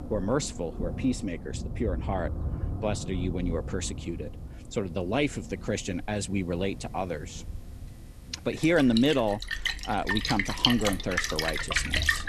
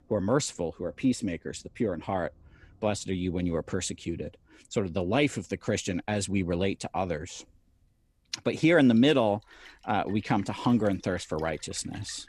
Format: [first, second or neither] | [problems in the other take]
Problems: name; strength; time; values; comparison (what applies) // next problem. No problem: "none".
second | rain or running water; loud; throughout; 2 dB below the speech; faint in the second